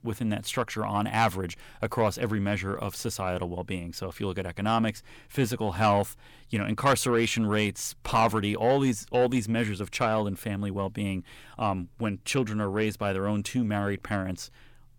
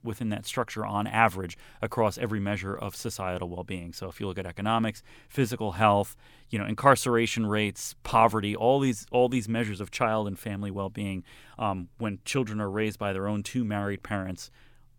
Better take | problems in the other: second | distortion; slight; 10 dB below the speech

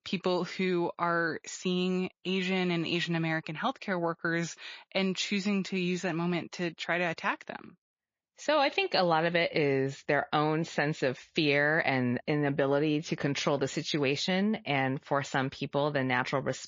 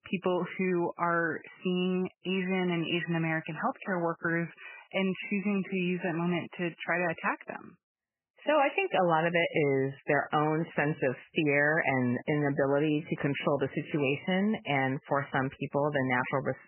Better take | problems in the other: first | garbled, watery; badly; nothing above 3 kHz; slightly in the first

